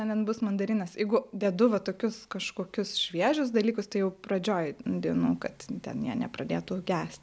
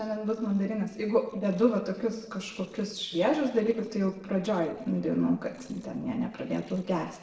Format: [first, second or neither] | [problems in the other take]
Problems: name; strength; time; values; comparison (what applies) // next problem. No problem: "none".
first | noise reduction (neural separator model SepFormer DNS4)